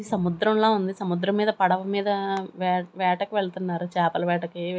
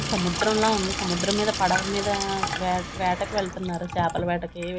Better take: first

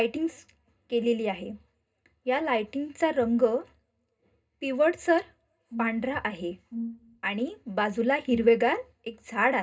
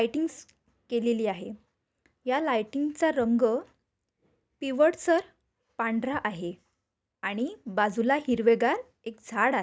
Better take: second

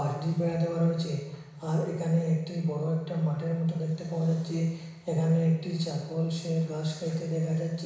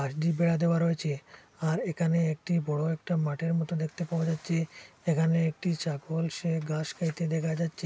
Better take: second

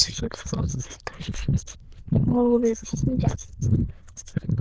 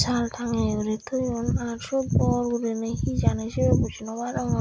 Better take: second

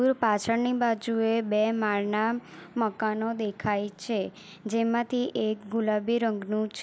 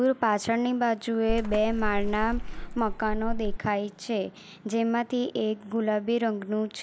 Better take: first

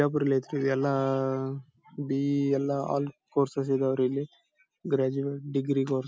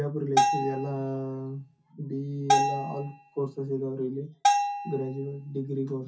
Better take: first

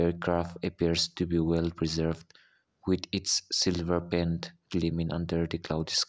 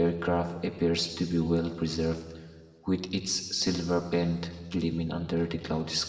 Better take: first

